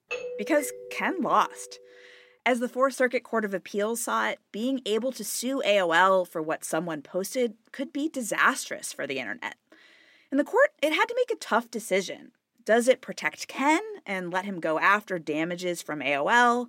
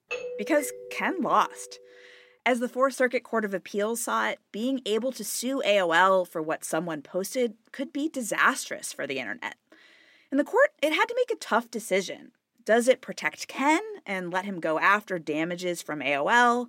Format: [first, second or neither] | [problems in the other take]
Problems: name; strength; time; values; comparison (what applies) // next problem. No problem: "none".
neither | doorbell; noticeable; until 1.5 s; peak 8 dB below the speech; the same in both